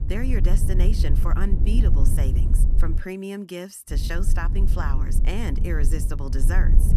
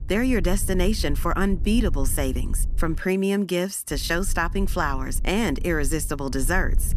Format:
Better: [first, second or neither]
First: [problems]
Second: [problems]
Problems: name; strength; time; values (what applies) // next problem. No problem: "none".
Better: second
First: low rumble; loud; until 3 s and from 4 s on; 6 dB below the speech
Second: low rumble; faint; until 3 s and from 4 s on; 25 dB below the speech